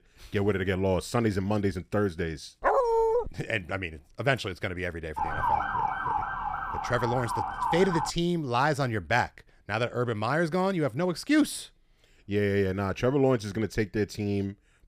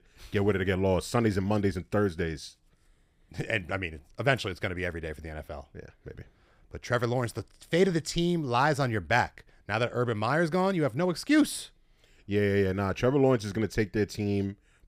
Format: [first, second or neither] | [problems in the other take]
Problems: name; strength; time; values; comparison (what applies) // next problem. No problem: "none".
second | dog barking; loud; at 2.5 s; peak 5 dB above the speech // siren; loud; from 5 to 8 s; peak 1 dB above the speech